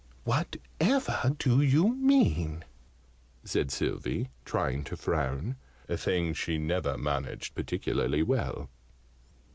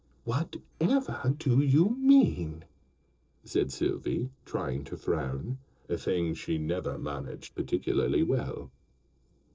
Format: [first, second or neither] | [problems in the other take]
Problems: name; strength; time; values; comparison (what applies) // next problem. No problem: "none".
first | noise reduction (neural separator model SepFormer DNS4)